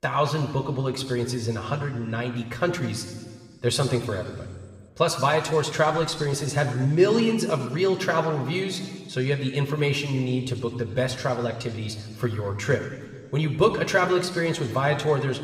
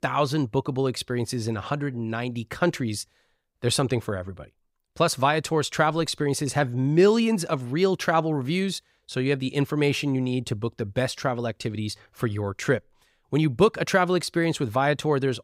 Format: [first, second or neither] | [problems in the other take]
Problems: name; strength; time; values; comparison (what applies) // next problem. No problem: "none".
second | room echo; slight; dies away in 1.7 s